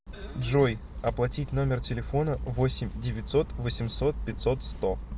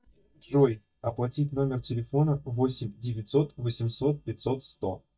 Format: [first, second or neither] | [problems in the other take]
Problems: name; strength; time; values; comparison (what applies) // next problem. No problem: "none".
first | noise reduction (neural mask model DeepFilterNet 3)